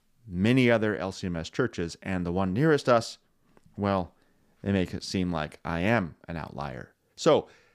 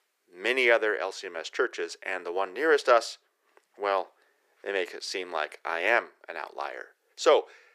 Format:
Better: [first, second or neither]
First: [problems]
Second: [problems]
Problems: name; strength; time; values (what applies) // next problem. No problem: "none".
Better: first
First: none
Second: thin; very; fading below 400 Hz